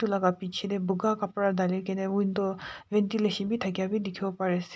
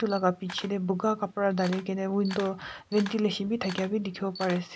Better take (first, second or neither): first